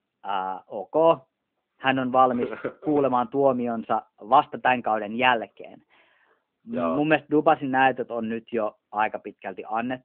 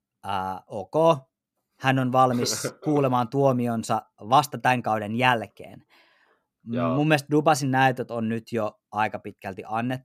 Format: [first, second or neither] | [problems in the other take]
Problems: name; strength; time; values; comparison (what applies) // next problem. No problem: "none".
second | phone-call audio